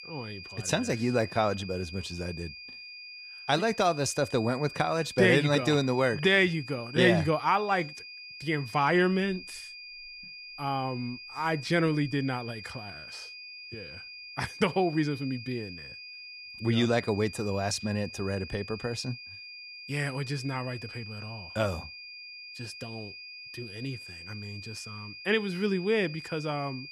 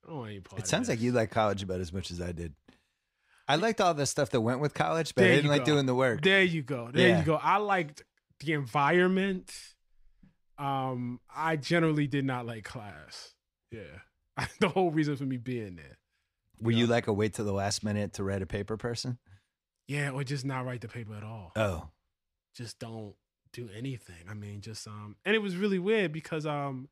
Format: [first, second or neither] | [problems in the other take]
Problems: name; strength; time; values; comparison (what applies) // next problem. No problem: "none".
second | high-pitched whine; noticeable; throughout; 2.5 kHz, 15 dB below the speech